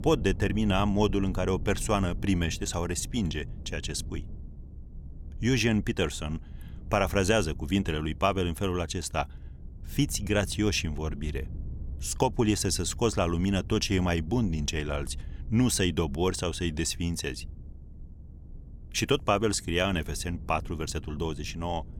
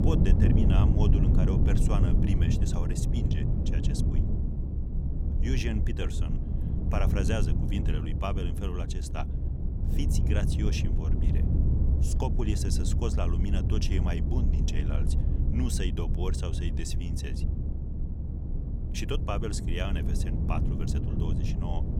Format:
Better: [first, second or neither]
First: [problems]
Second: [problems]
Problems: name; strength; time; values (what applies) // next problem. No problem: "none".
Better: first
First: low rumble; faint; throughout; 25 dB below the speech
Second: low rumble; loud; throughout; 2 dB below the speech